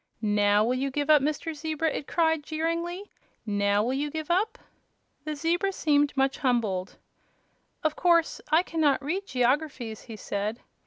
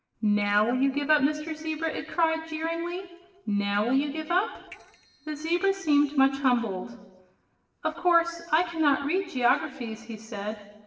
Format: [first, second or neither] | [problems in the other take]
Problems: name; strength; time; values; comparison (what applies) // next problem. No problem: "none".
first | noise reduction (neural separator model SepFormer DNS4)